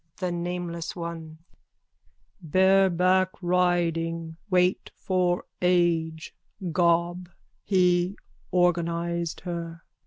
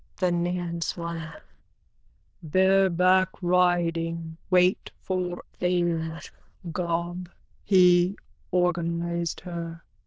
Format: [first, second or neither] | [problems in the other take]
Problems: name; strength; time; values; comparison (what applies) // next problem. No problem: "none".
first | noise reduction (neural diffusion model UNIVERSE++)